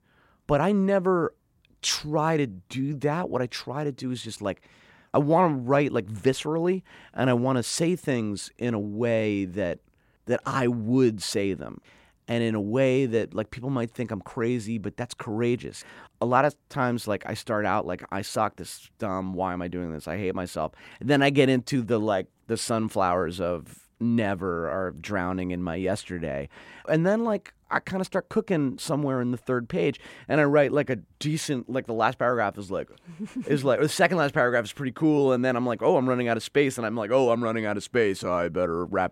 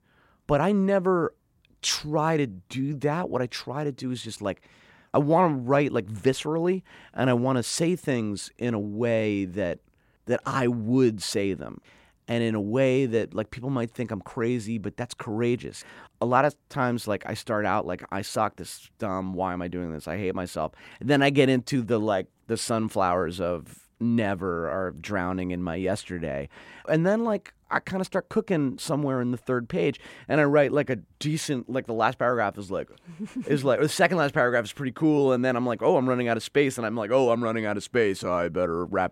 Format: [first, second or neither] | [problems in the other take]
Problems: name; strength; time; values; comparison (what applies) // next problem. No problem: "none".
neither | none